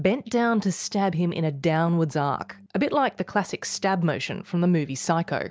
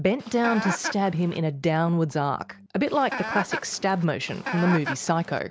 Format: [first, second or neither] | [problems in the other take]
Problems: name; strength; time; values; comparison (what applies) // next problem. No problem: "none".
first | background sound (Chicken, rooster); 8 dB below the speech